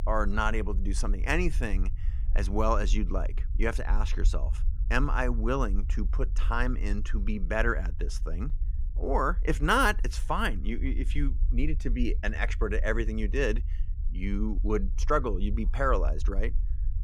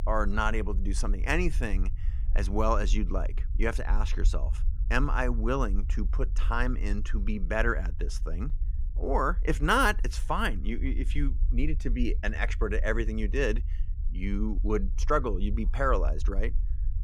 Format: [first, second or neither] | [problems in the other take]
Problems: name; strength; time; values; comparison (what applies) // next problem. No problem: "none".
neither | low rumble; faint; throughout; 25 dB below the speech; the same in both